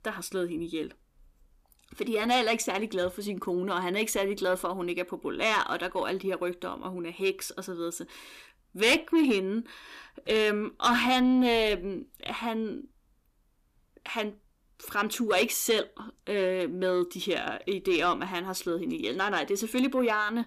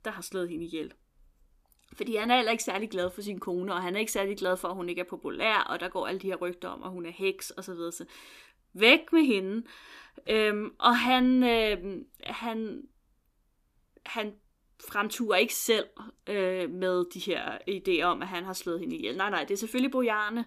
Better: second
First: distortion; slight; 10 dB below the speech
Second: none

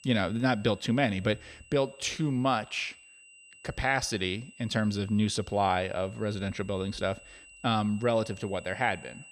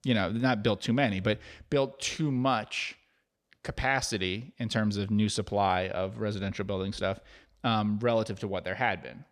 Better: second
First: high-pitched whine; faint; throughout; 3 kHz, 20 dB below the speech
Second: none

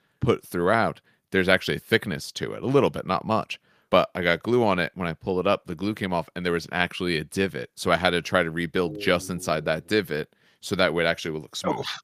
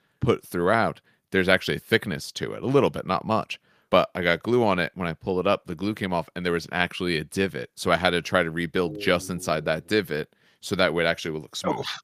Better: neither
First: none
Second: none

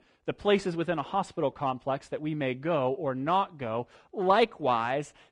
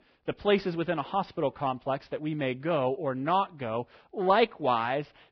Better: first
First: garbled, watery; slightly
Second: garbled, watery; badly; nothing above 5 kHz

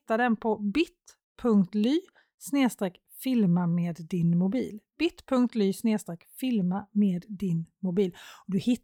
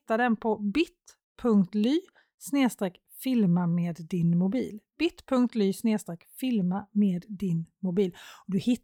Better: neither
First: none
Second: none

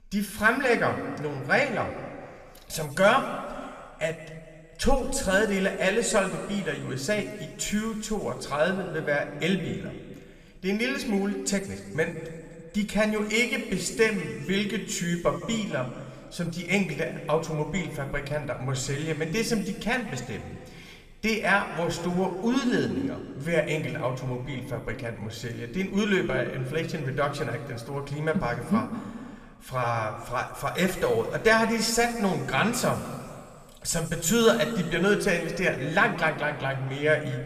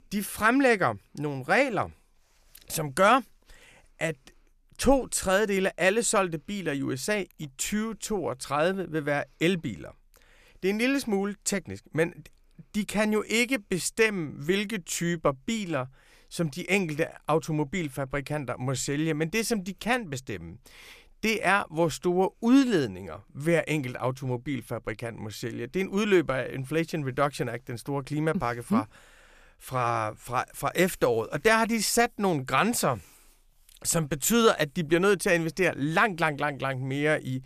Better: second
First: room echo; slight; dies away in 2 s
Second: none

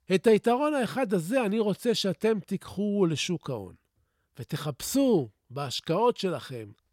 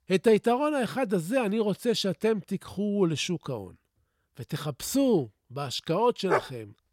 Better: first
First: none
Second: dog barking; noticeable; at 6.5 s; peak 2 dB below the speech

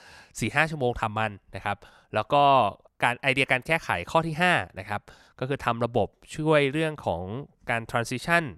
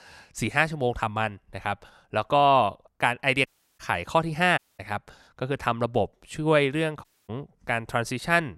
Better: first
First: none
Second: audio cutting out; at 3.5 s, at 4.5 s and at 7 s

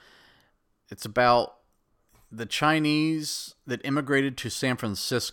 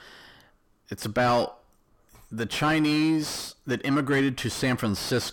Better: first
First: none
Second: distortion; heavy; 7 dB below the speech

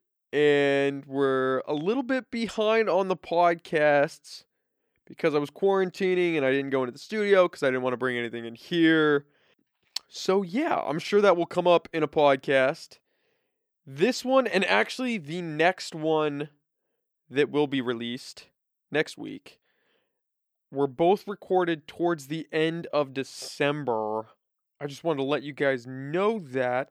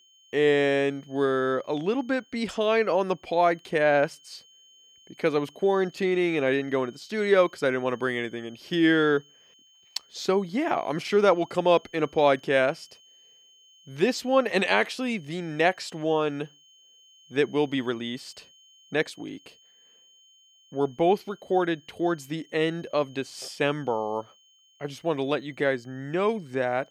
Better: first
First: none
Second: high-pitched whine; faint; throughout; 3 kHz, 30 dB below the speech

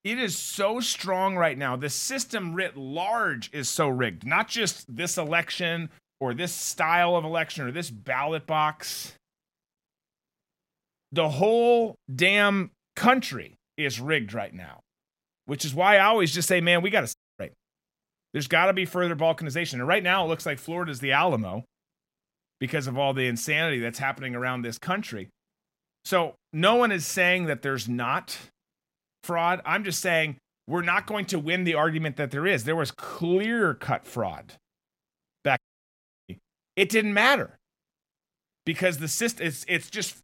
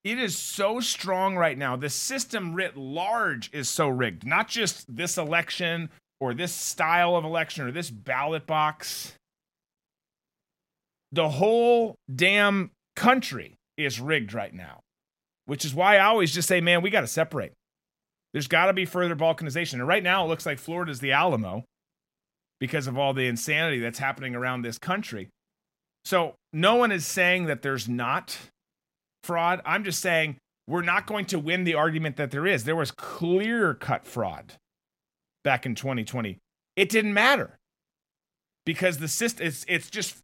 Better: second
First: audio cutting out; at 17 s and at 36 s for 0.5 s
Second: none

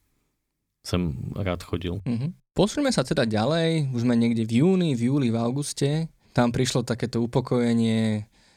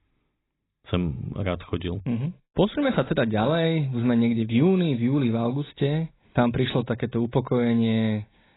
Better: first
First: none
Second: garbled, watery; badly; nothing above 4 kHz

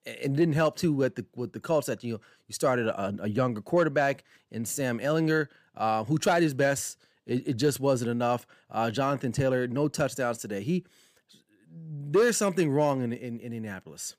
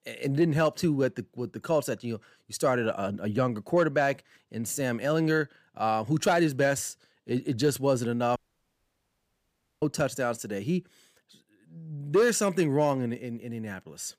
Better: first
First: none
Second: audio cutting out; at 8.5 s for 1.5 s

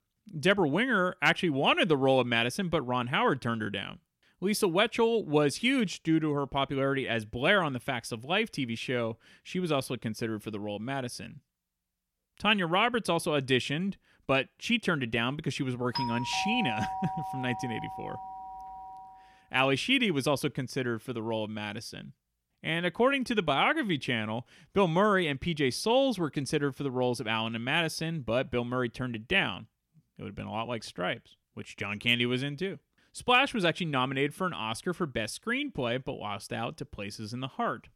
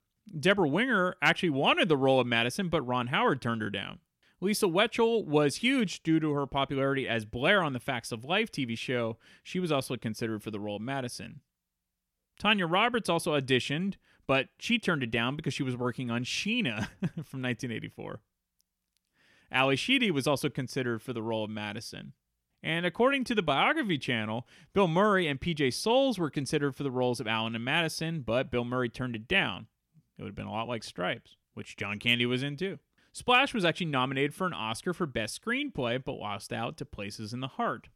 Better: second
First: doorbell; noticeable; from 16 to 19 s; peak 4 dB below the speech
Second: none

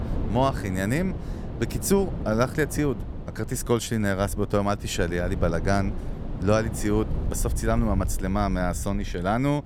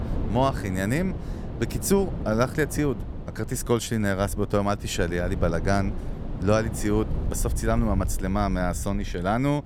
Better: neither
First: wind noise on the microphone; occasional gusts; 15 dB below the speech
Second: wind noise on the microphone; occasional gusts; 15 dB below the speech

